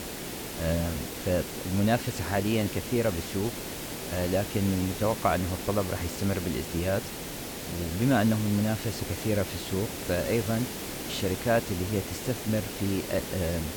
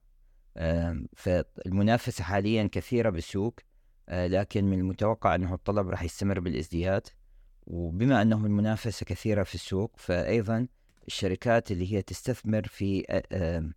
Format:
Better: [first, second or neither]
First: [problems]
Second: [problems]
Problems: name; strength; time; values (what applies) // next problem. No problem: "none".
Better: second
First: hiss; loud; throughout; 6 dB below the speech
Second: none